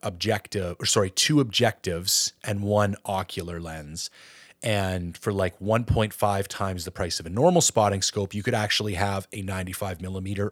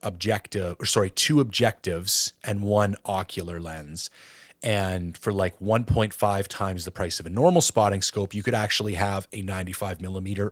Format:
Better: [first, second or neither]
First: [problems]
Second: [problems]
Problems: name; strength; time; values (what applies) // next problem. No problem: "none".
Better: first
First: none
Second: garbled, watery; slightly